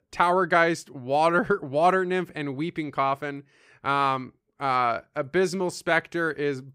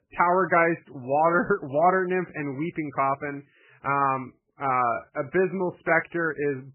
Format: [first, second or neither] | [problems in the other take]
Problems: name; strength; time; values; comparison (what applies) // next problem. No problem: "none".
first | garbled, watery; badly